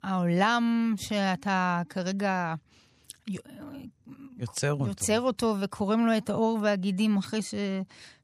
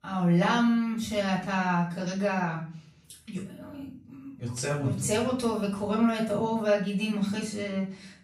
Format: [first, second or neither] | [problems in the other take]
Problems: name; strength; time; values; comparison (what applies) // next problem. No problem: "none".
first | off-mic speech; far // room echo; noticeable; dies away in 0.5 s